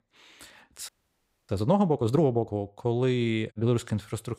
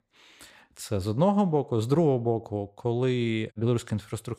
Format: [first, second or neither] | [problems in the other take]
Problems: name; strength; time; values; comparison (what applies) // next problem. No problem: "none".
second | audio freezing; at 1 s for 0.5 s